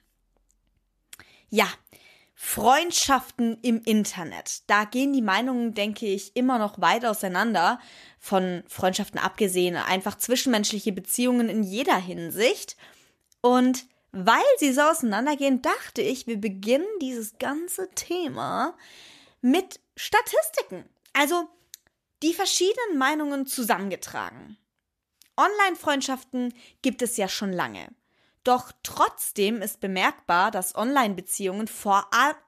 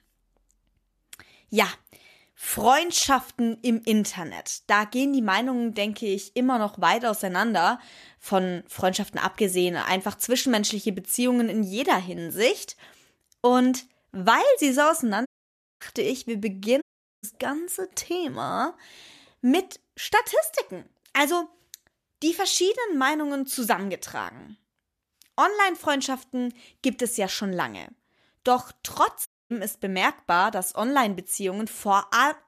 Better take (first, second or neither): first